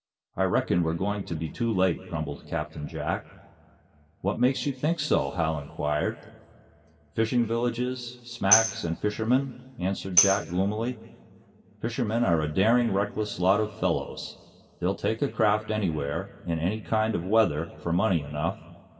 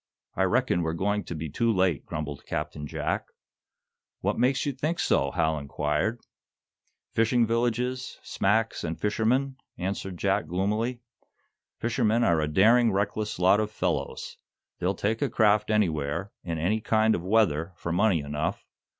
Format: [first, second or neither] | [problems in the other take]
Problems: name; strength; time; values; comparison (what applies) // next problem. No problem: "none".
second | background sound (Tambourine); 3 dB below the speech // room echo; dies away in 2.8 s